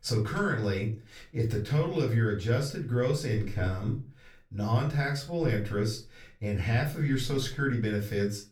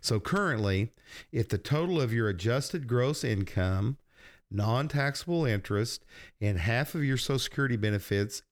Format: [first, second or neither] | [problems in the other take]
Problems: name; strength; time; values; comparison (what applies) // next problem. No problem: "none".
second | off-mic speech; far // room echo; very slight; dies away in 0.3 s